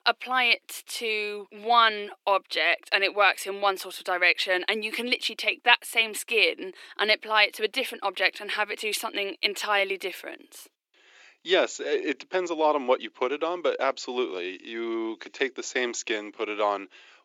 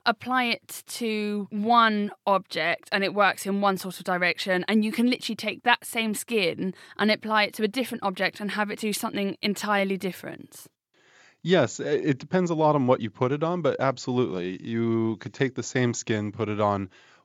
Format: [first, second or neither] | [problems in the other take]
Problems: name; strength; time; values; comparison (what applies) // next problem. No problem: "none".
second | thin; somewhat; fading below 300 Hz